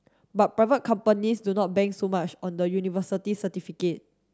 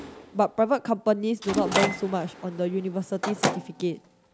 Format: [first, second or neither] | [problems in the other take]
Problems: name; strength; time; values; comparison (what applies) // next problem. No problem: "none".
first | background sound (Microwave oven + Mechanisms); 5 dB below the speech